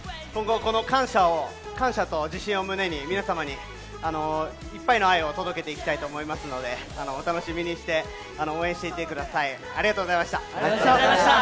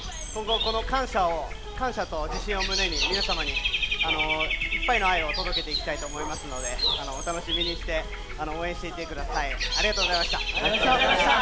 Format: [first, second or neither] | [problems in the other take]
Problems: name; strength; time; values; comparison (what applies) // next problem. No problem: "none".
first | background sound (Bird / Dog); as loud as the speech